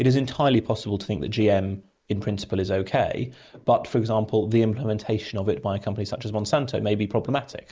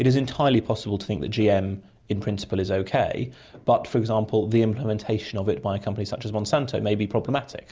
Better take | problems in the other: second | noise reduction (neural mask model Resemble Enhance denoiser)

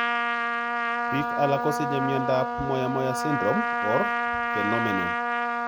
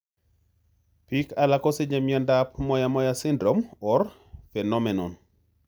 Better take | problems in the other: second | background sound (Trumpet); 2 dB above the speech

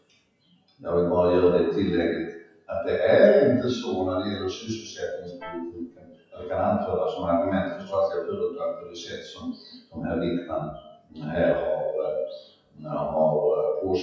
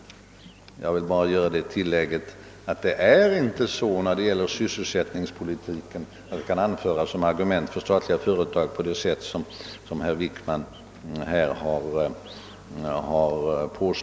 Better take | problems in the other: second | noise reduction (classical method WPE with log-MMSE)

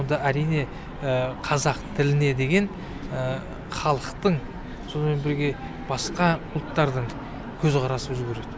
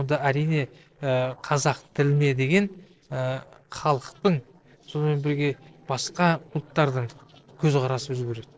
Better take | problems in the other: first | noise reduction (neural separator model SepFormer DNS4)

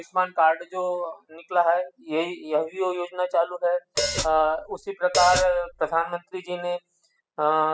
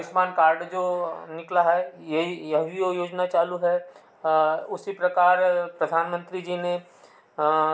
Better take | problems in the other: second | noise reduction (classical method spectral subtraction)

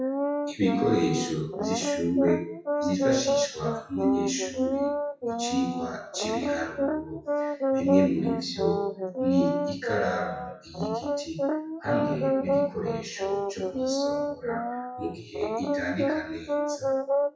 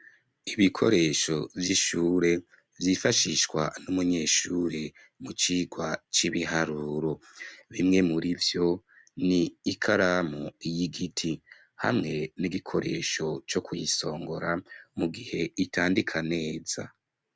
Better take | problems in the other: second | noise reduction (classical method WPE with log-MMSE)

